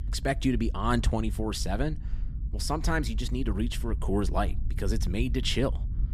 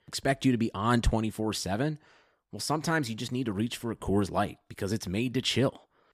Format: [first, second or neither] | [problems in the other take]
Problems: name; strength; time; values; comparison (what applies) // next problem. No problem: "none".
second | low rumble; noticeable; throughout; 20 dB below the speech